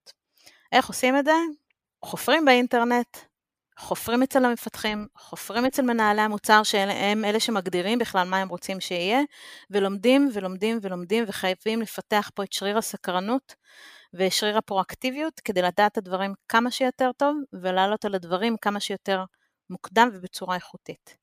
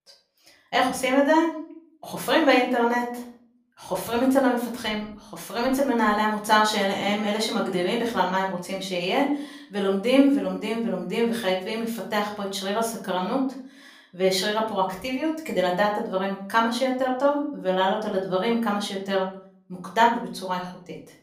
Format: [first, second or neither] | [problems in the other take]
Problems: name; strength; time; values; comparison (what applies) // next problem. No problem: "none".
first | room echo; slight; dies away in 0.5 s // off-mic speech; far